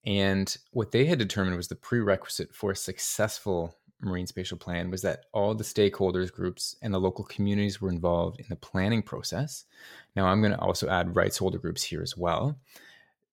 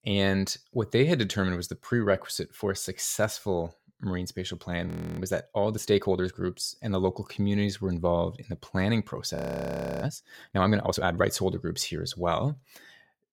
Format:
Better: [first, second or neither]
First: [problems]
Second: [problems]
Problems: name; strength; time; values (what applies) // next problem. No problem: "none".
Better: first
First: none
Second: audio freezing; at 5 s and at 9.5 s for 0.5 s